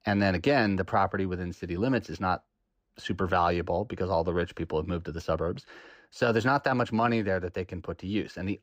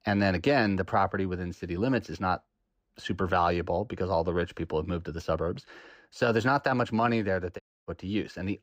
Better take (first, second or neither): first